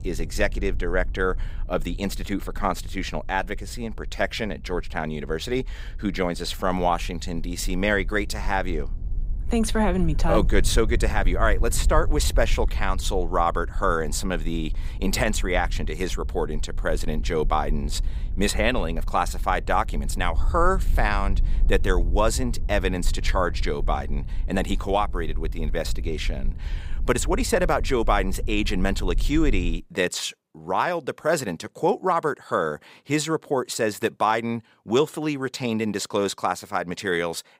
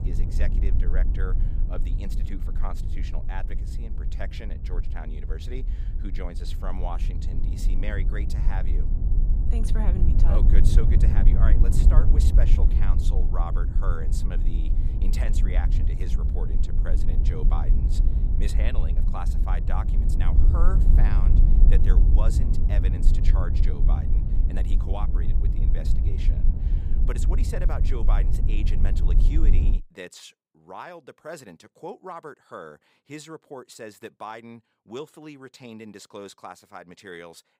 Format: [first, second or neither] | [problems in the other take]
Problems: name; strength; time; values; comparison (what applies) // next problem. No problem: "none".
first | low rumble; loud; until 30 s; 3 dB below the speech; faint in the first